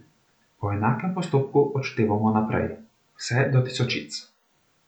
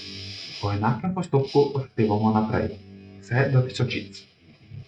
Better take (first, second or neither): first